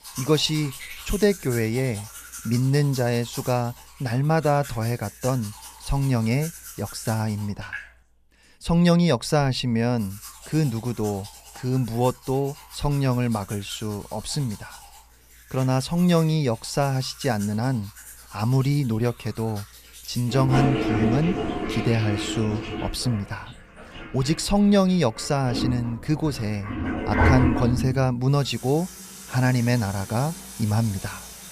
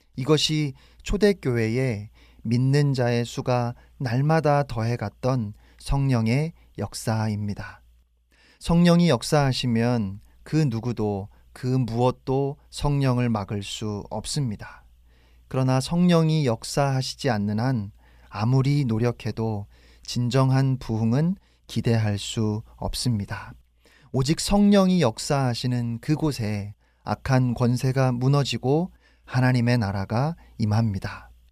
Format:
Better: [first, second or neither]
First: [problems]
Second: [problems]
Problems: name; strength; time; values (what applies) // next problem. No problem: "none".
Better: second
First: household noises; loud; throughout; 8 dB below the speech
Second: none